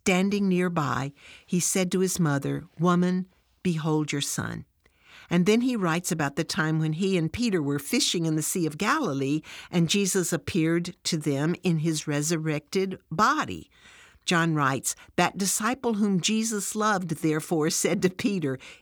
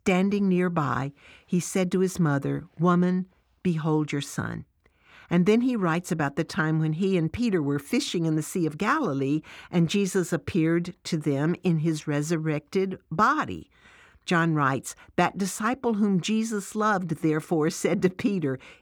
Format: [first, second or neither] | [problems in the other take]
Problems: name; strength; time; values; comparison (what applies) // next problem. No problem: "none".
first | muffled; slightly; fading above 3 kHz